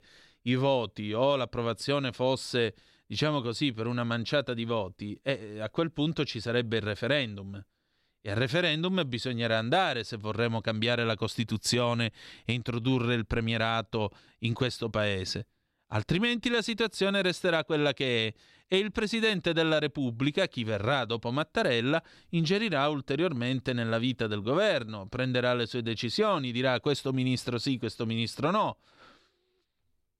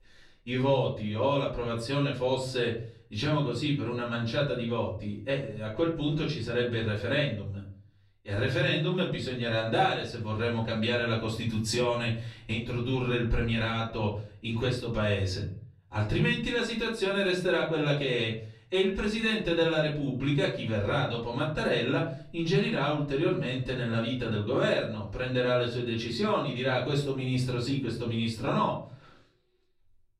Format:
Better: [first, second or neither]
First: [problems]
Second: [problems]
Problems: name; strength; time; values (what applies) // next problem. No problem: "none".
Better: first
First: none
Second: off-mic speech; far // room echo; slight; dies away in 0.5 s